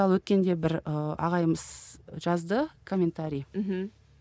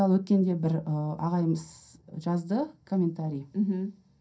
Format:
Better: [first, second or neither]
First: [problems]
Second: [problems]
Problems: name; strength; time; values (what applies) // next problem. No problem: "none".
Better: first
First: none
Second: room echo; dies away in 0.3 s